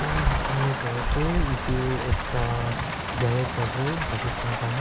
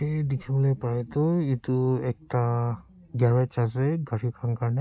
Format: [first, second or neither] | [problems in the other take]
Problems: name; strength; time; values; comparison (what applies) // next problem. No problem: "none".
second | background sound (Rain); 1 dB above the speech